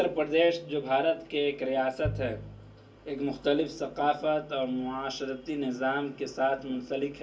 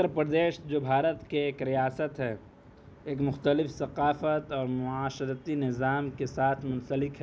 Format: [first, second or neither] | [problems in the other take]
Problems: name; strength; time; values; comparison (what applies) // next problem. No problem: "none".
second | background sound (Piano); 11 dB below the speech // room echo; dies away in 0.2 s